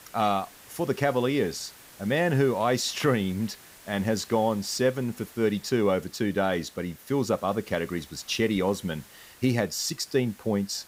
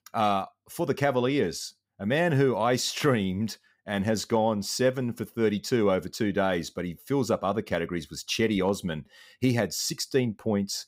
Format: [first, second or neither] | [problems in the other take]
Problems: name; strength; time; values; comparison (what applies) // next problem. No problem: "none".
second | hiss; faint; throughout; 20 dB below the speech